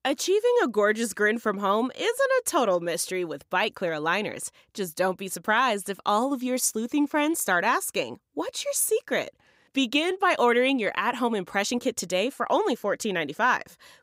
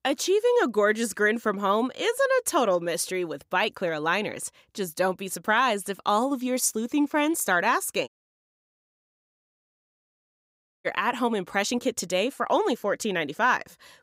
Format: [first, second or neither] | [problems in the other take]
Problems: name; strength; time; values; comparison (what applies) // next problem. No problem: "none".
first | audio cutting out; at 8 s for 3 s